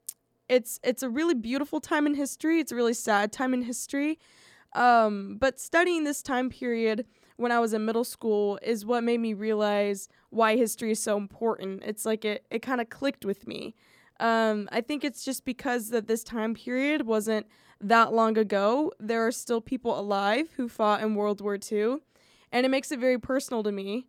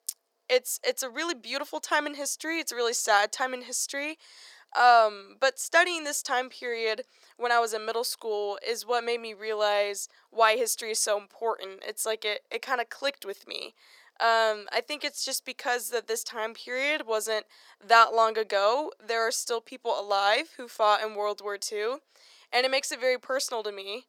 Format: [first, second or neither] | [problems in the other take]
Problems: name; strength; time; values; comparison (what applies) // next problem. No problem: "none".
first | thin; very; fading below 550 Hz